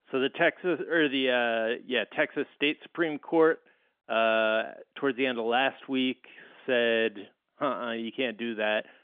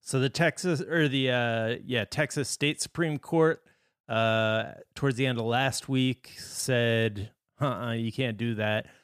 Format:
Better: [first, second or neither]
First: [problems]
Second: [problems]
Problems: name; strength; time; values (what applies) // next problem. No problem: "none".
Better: second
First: phone-call audio; nothing above 3.5 kHz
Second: none